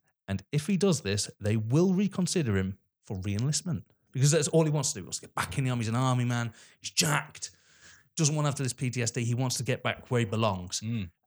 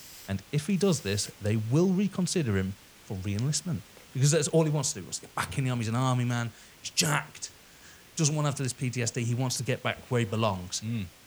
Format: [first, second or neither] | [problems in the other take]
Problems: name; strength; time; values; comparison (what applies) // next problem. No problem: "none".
first | hiss; faint; throughout; 20 dB below the speech